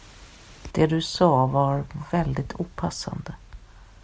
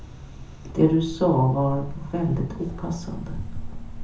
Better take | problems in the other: first | background sound (Cricket); 9 dB below the speech // room echo; dies away in 0.5 s

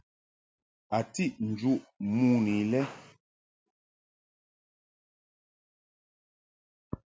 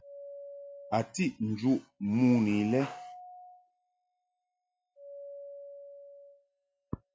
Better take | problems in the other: first | noise reduction (classical method log-MMSE)

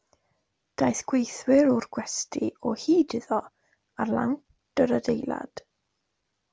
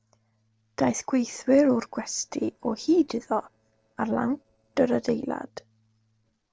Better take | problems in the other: first | noise reduction (neural separator model SepFormer DNS4)

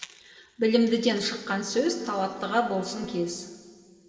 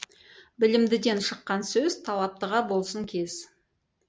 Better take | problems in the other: second | background sound (Bowed string instrument); 15 dB below the speech // room echo; dies away in 1.9 s

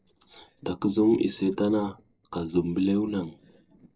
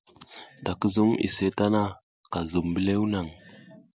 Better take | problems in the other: second | noise reduction (neural separator model SepFormer DNS4)

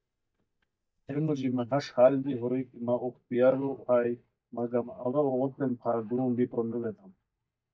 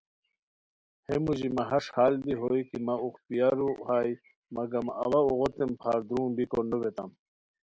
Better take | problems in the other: second | noise reduction (neural mask model DeepFilterNet 3)

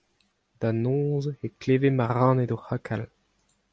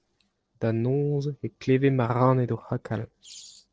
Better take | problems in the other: first | noise reduction (neural separator model SepFormer DNS4)

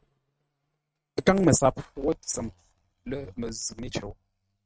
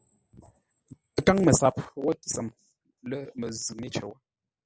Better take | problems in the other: second | noise reduction (neural mask model RNNoise)

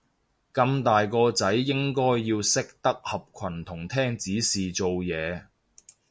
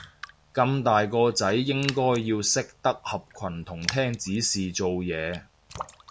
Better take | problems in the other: first | background sound (Raindrop); 15 dB below the speech

